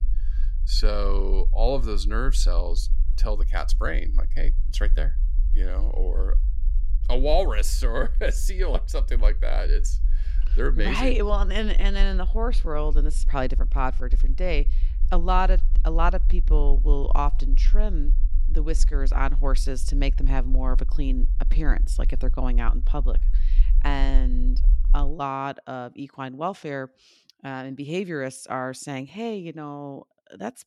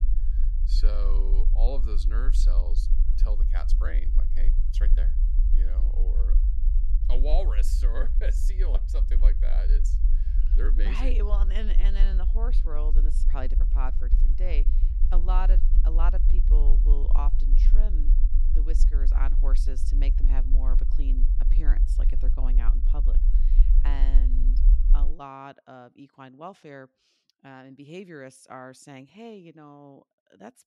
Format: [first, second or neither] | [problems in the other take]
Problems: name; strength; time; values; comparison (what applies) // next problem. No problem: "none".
first | low rumble; loud; until 25 s; 9 dB below the speech; faint in the first